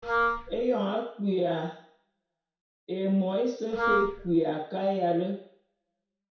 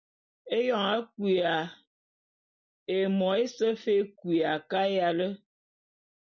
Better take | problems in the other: second | background sound (Wind instrument, woodwind instrument); as loud as the speech // room echo; dies away in 0.6 s

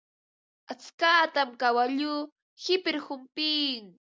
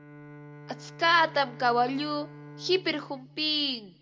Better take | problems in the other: first | background sound (Bowed string instrument); 18 dB below the speech // room echo; dies away in 0.4 s

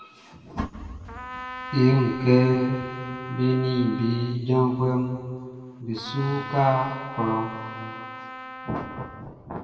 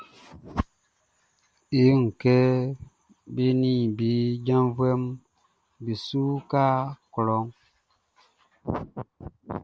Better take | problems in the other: second | background sound (Trumpet); 13 dB below the speech // room echo; dies away in 2.2 s

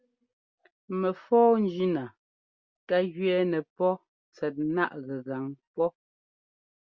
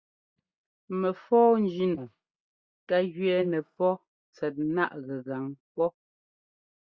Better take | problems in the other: first | noise reduction (neural mask model DeepFilterNet 3)

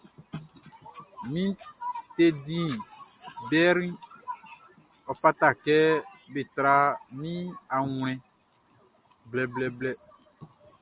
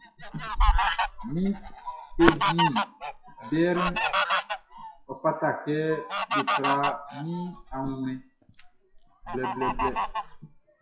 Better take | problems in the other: first | noise reduction (classical method WPE with log-MMSE)

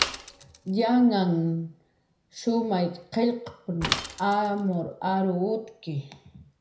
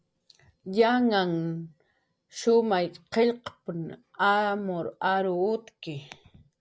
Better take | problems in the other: second | background sound (Mechanisms / Bicycle); 11 dB below the speech // room echo; dies away in 0.4 s

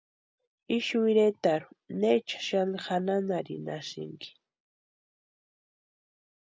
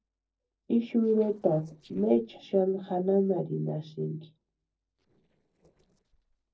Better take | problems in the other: first | noise reduction (neural separator model SepFormer DNS4)

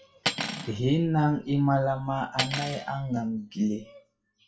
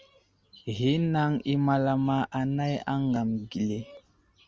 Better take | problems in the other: second | noise reduction (classical method WPE with log-MMSE)

